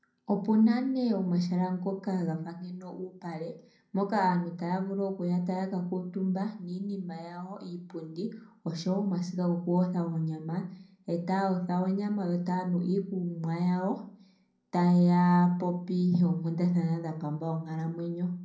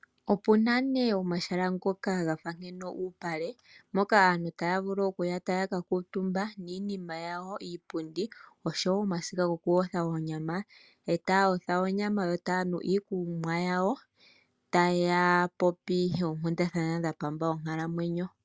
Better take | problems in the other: second | room echo; dies away in 0.5 s

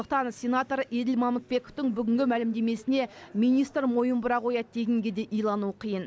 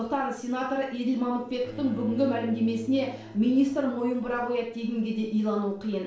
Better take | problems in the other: first | background sound (Bowed string instrument); 18 dB below the speech // room echo; dies away in 0.4 s

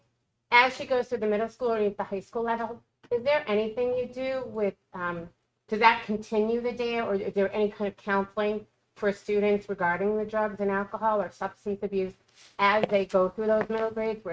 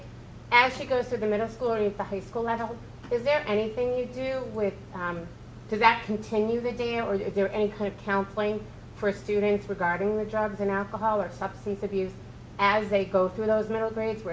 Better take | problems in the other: second | noise reduction (neural mask model RNNoise)

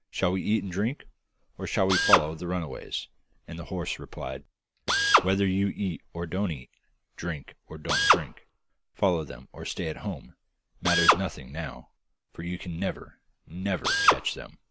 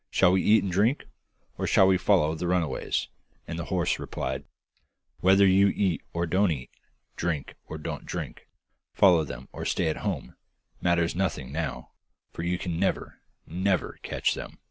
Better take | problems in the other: second | background sound (Drill); as loud as the speech

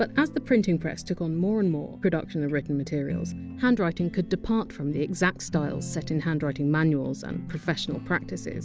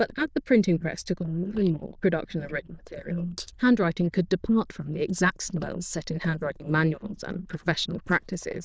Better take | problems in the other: first | noise reduction (neural diffusion model UNIVERSE++)

